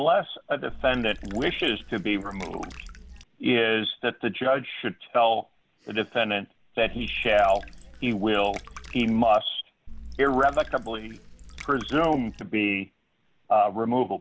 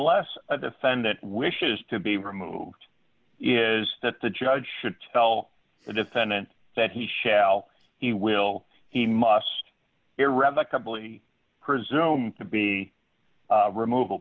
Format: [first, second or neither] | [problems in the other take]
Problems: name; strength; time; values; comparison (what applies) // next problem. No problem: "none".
second | background sound (Water / Liquid); 15 dB below the speech